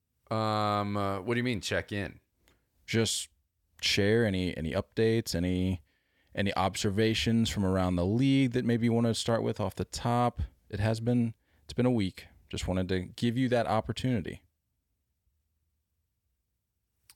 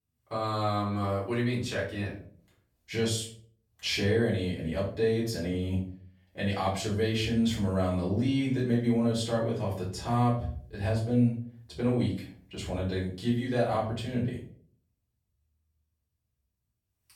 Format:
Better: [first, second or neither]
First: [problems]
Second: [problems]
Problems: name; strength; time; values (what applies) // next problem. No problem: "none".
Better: first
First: none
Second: off-mic speech; far // room echo; slight; dies away in 0.4 s